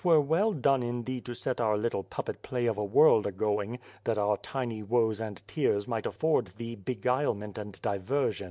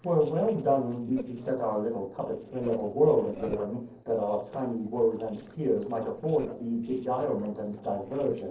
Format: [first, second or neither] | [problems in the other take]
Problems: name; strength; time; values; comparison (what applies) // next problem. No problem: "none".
first | noise reduction (neural separator model SepFormer DNS4)